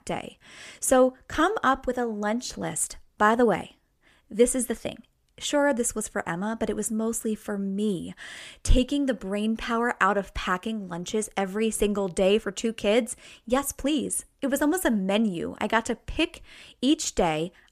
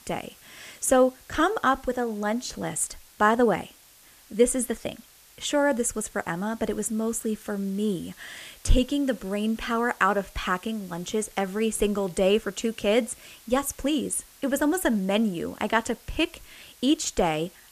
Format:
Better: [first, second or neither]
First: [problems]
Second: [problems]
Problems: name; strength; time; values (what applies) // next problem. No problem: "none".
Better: first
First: none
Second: hiss; faint; throughout; 25 dB below the speech